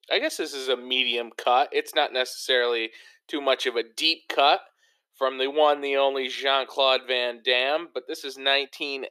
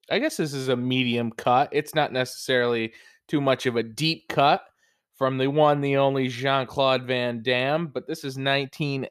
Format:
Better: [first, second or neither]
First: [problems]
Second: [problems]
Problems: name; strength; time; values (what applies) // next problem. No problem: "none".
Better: second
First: thin; somewhat; fading below 350 Hz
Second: none